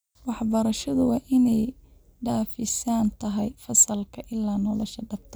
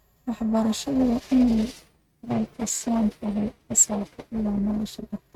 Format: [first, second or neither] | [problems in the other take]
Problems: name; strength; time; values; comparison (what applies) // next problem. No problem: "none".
first | noise reduction (neural mask model RNNoise)